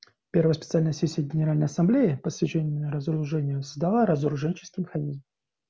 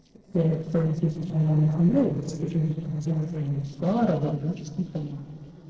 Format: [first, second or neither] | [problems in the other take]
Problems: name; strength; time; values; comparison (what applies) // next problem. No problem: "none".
first | noise reduction (neural separator model SepFormer DNS4)